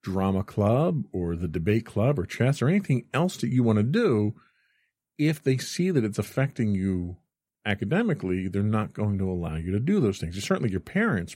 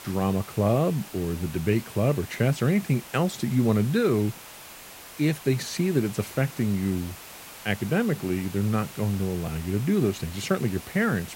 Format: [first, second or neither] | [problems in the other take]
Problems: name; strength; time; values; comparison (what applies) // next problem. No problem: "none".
first | hiss; noticeable; throughout; 15 dB below the speech